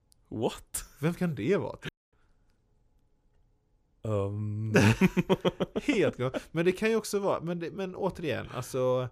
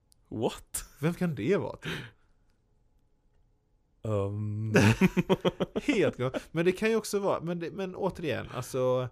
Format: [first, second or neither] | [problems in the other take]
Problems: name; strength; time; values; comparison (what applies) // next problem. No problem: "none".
second | audio cutting out; at 2 s